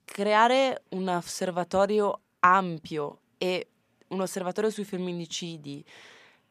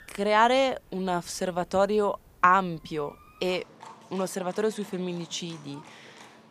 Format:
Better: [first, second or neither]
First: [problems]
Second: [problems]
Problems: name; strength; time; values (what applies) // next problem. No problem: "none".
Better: first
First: none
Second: animal sounds; faint; throughout; 25 dB below the speech